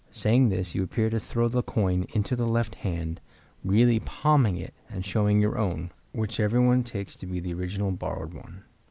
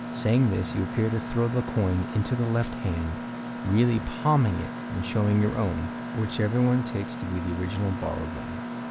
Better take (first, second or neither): first